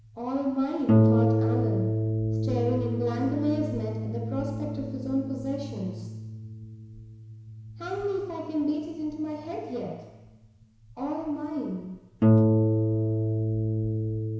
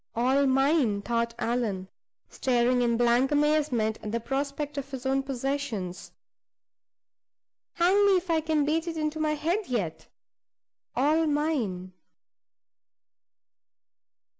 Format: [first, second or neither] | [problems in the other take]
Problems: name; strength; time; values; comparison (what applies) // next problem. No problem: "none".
second | background sound (Harp); 5 dB above the speech // room echo; dies away in 1 s